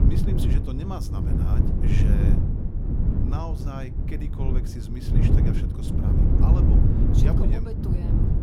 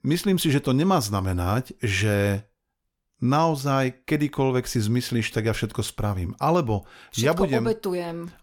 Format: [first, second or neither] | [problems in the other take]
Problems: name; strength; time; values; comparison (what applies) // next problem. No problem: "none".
second | wind noise on the microphone; heavy; 4 dB above the speech